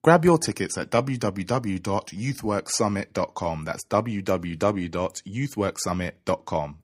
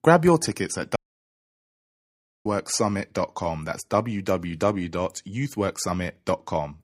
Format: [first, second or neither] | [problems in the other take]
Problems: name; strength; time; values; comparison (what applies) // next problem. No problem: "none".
first | audio cutting out; at 1 s for 1.5 s